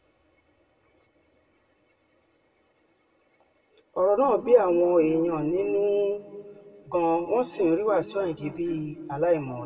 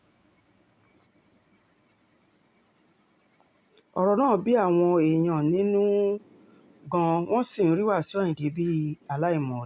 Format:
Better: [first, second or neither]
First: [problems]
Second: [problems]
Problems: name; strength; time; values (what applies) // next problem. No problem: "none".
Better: second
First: room echo; dies away in 1.9 s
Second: none